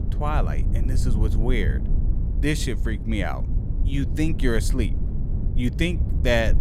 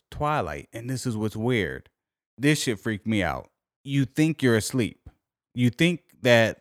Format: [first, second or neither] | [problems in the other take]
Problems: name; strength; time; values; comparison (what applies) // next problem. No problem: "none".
second | low rumble; noticeable; throughout; 10 dB below the speech